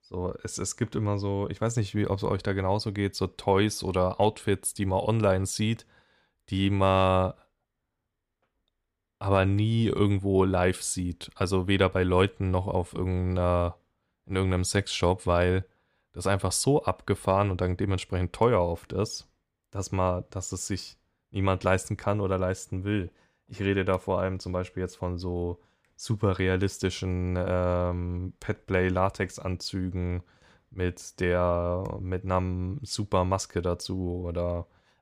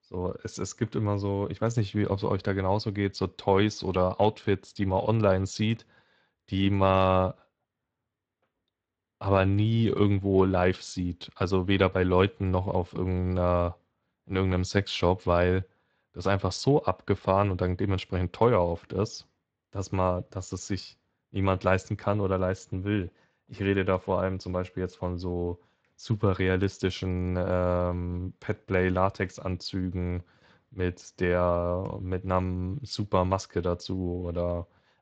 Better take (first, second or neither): first